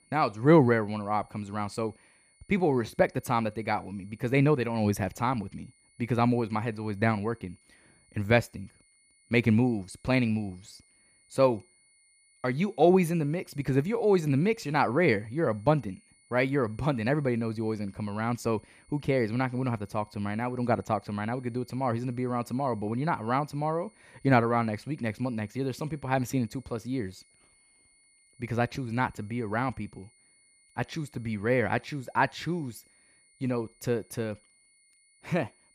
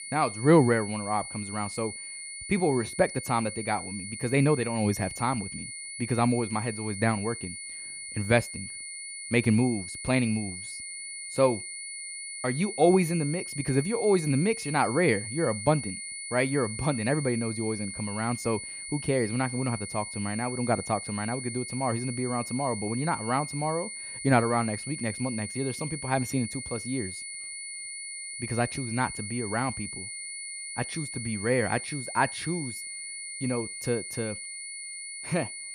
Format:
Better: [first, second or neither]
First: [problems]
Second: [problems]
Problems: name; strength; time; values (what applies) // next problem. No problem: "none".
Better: first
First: high-pitched whine; faint; throughout; 2 kHz, 30 dB below the speech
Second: high-pitched whine; loud; throughout; 2 kHz, 7 dB below the speech